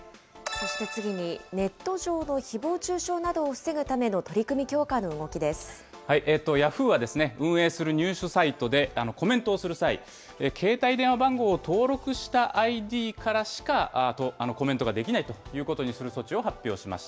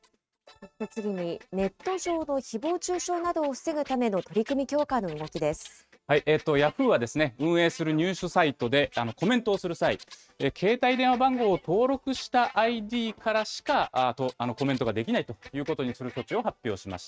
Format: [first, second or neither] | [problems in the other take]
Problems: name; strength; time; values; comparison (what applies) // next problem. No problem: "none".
first | noise reduction (neural mask model RNNoise)